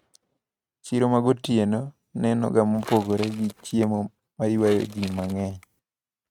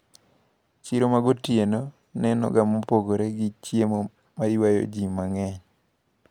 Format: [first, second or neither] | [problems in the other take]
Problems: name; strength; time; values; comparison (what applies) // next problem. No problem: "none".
second | noise reduction (neural mask model RNNoise)